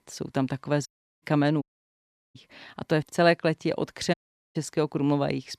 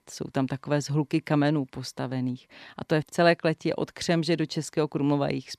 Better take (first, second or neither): second